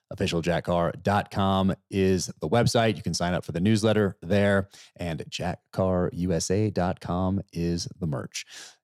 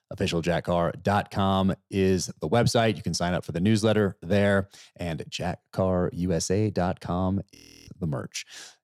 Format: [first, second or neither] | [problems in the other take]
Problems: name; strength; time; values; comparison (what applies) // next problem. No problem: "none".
first | audio freezing; at 7.5 s